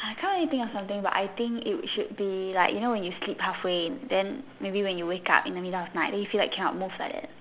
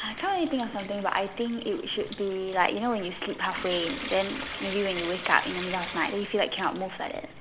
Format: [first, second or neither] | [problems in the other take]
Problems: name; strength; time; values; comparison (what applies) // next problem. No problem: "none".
first | background sound (Trickle, dribble / Sink (filling or washing) / Water tap, faucet); 11 dB below the speech